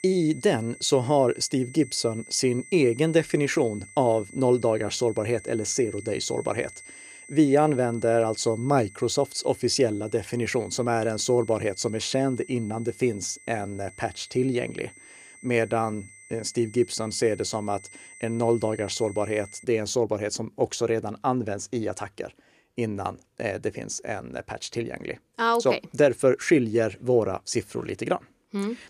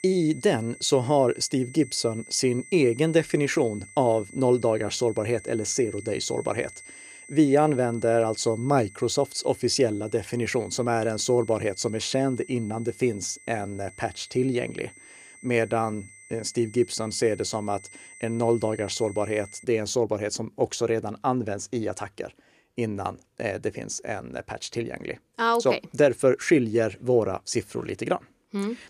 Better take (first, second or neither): neither